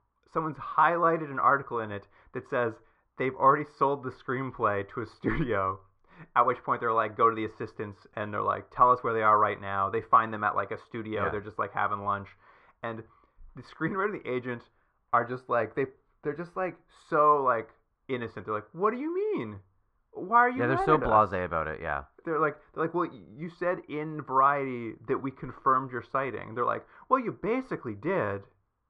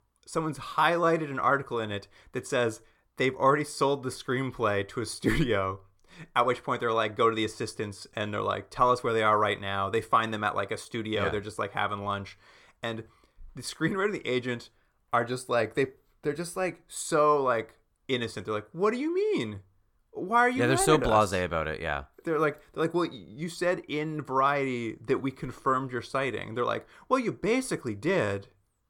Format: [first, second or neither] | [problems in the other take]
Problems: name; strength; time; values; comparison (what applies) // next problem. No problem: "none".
second | muffled; very; fading above 2 kHz